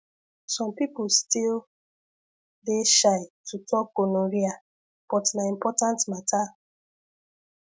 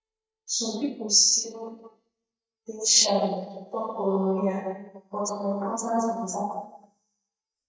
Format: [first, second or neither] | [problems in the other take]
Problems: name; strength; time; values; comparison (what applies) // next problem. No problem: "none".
first | noise reduction (neural mask model DeepFilterNet 3)